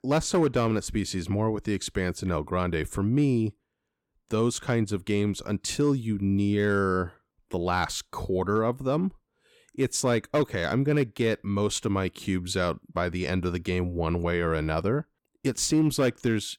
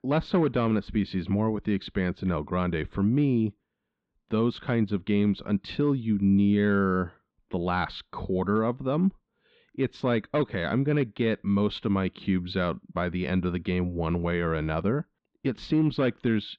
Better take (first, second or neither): first